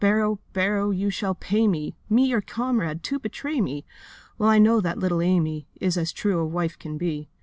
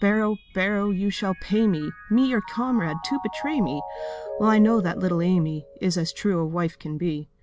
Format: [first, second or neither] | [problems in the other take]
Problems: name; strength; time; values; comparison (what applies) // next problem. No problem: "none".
first | background sound (Mallet percussion); 14 dB below the speech